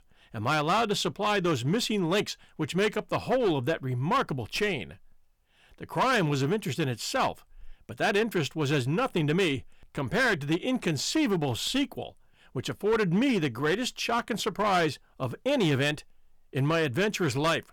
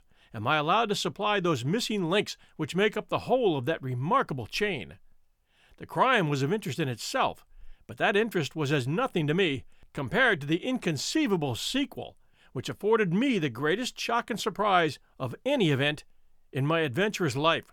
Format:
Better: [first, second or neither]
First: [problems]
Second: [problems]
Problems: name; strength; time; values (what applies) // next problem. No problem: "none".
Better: second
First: distortion; slight; 8% of the sound clipped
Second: none